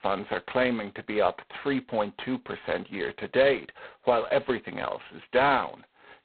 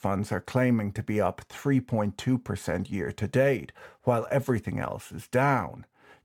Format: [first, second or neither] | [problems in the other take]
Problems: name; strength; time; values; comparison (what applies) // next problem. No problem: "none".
second | phone-call audio; poor line; nothing above 4 kHz